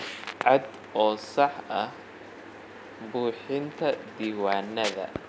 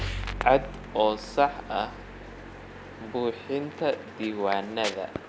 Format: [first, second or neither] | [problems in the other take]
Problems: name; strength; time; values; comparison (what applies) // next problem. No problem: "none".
first | background sound (Bowed string instrument); 13 dB below the speech